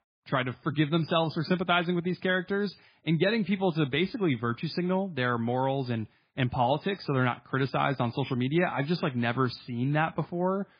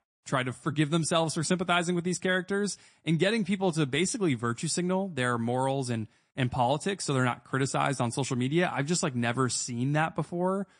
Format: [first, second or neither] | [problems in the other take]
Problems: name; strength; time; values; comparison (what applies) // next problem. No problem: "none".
second | garbled, watery; badly; nothing above 5 kHz; slightly in the second